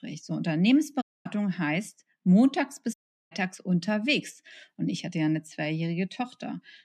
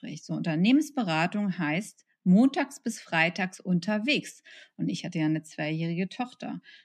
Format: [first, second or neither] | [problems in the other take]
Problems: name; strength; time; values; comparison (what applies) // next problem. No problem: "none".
second | audio cutting out; at 1 s and at 3 s